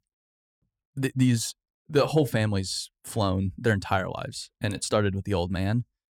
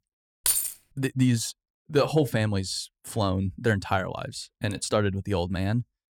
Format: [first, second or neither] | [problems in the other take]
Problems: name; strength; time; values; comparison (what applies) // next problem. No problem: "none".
first | jangling keys; loud; at 0.5 s; peak 4 dB above the speech